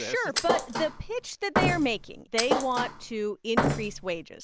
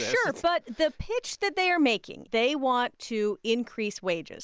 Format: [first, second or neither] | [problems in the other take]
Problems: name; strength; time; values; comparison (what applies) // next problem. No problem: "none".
second | background sound (Thump, thud); as loud as the speech